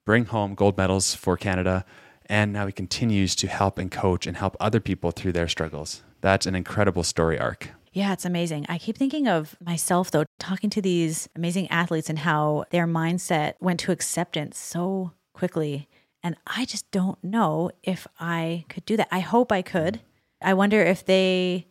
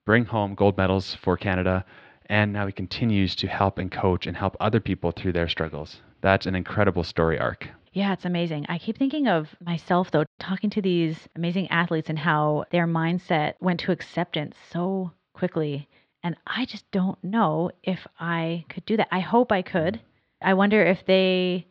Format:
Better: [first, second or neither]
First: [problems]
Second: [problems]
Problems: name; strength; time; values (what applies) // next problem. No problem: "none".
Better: first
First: none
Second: muffled; slightly; fading above 4 kHz